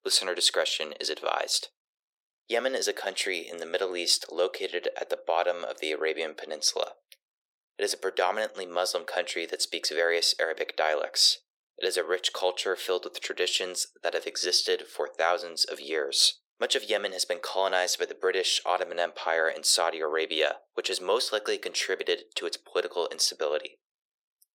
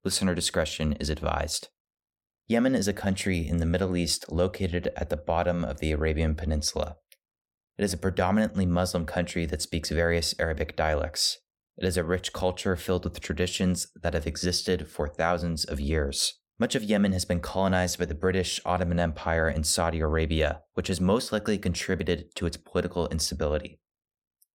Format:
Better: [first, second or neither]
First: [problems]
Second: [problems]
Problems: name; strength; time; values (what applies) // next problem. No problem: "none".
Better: second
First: thin; very; fading below 350 Hz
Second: none